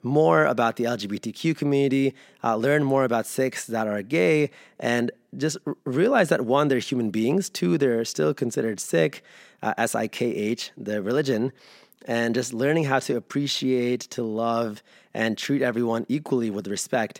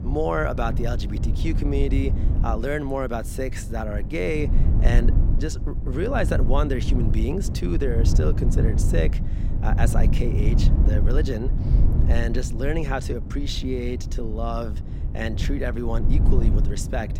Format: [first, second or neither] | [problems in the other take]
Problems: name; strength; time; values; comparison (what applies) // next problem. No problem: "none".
first | low rumble; loud; throughout; 8 dB below the speech